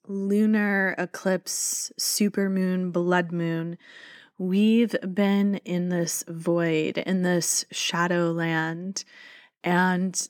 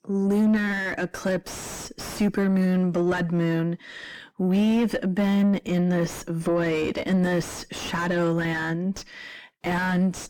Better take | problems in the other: first | distortion; heavy; 5 dB below the speech

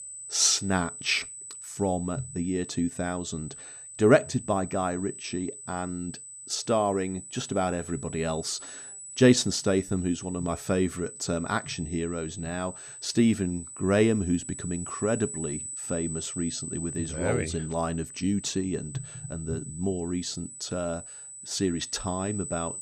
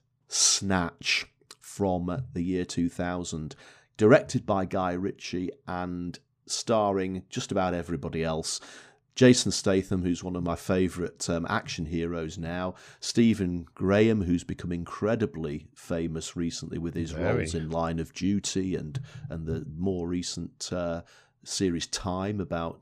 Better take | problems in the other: second | high-pitched whine; noticeable; throughout; 8 kHz, 10 dB below the speech

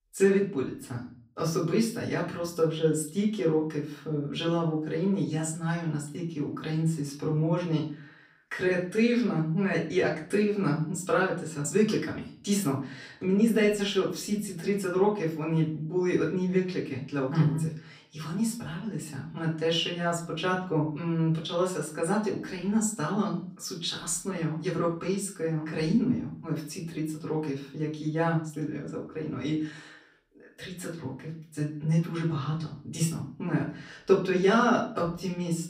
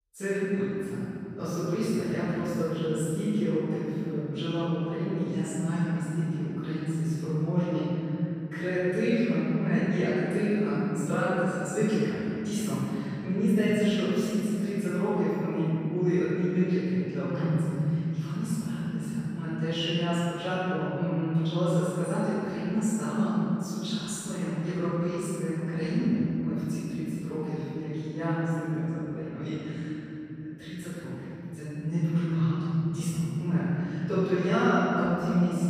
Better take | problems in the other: first | room echo; strong; dies away in 3 s; slight in the first // off-mic speech; far; far in the first

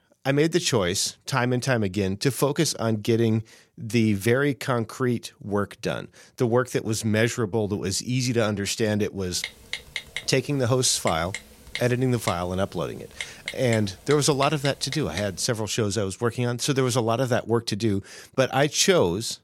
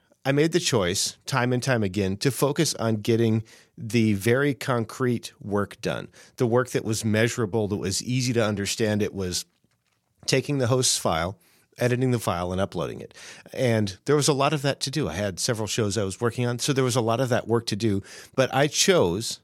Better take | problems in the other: second | keyboard typing; noticeable; from 9.5 to 15 s; peak 8 dB below the speech

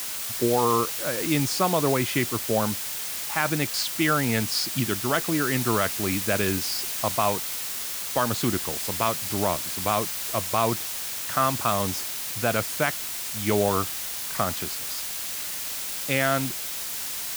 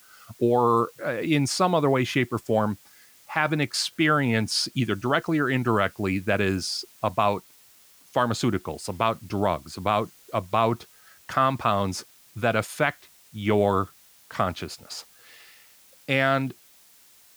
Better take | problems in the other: second | hiss; loud; throughout; 2 dB below the speech; faint in the second

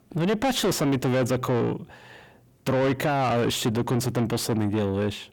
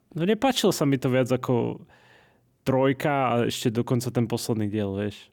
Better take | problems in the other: second | distortion; heavy; 8 dB below the speech

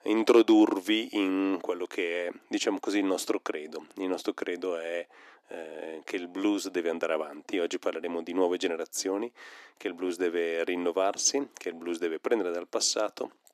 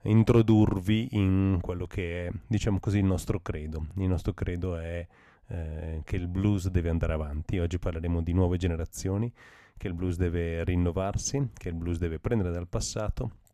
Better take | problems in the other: second | thin; somewhat; fading below 300 Hz

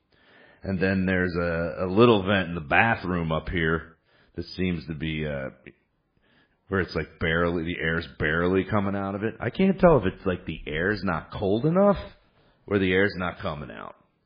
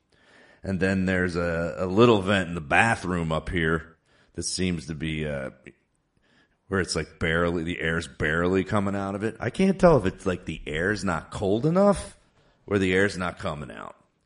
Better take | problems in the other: second | garbled, watery; badly; nothing above 5 kHz; slightly in the second

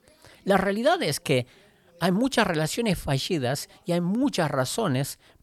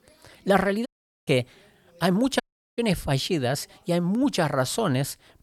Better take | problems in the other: first | audio cutting out; at 1 s and at 2.5 s

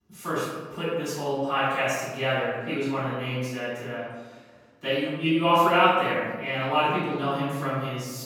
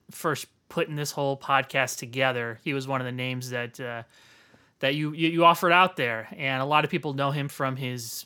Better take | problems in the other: second | room echo; strong; dies away in 1.1 s // off-mic speech; far

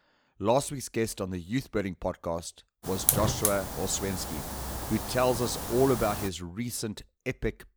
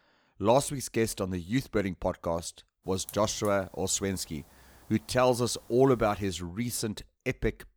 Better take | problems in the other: second | hiss; loud; from 3 to 6.5 s; 1 dB below the speech; faint in the second

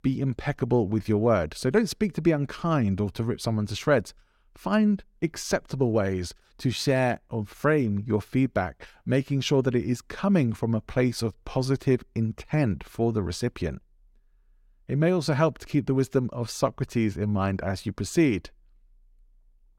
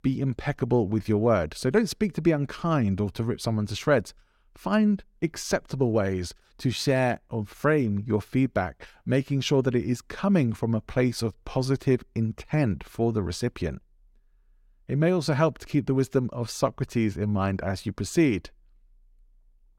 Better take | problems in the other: neither | none

